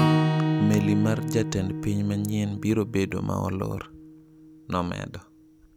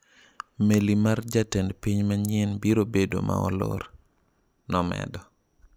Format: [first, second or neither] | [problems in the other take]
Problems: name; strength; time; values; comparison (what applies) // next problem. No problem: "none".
second | background sound (Acoustic guitar / Strum); 1 dB below the speech